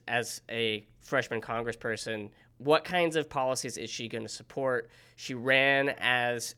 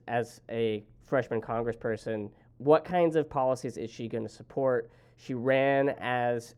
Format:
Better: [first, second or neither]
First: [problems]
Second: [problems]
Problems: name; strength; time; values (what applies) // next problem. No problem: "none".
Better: first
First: none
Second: muffled; slightly; fading above 1.5 kHz